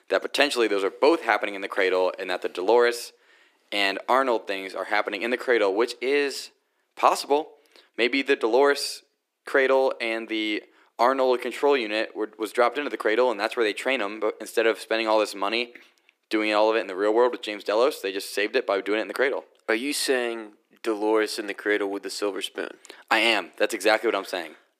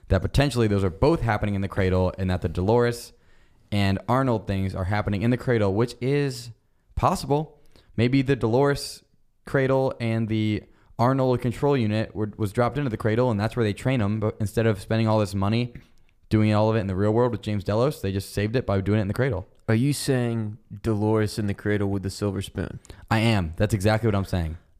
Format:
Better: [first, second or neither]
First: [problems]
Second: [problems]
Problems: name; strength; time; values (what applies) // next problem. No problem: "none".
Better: second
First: thin; very; fading below 300 Hz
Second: none